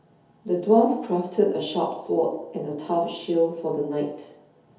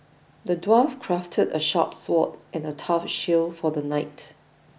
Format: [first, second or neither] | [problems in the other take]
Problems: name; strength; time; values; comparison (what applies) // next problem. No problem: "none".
second | room echo; dies away in 2.2 s